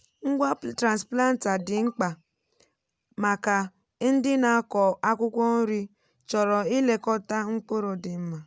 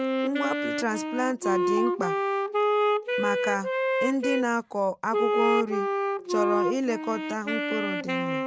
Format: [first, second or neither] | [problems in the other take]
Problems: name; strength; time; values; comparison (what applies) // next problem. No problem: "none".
first | background sound (Wind instrument, woodwind instrument); 3 dB above the speech